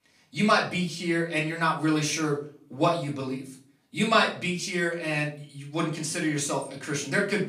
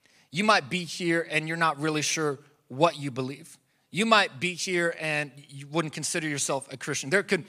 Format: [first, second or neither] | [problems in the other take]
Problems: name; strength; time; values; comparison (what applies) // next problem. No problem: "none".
second | off-mic speech; far // room echo; slight; dies away in 0.3 s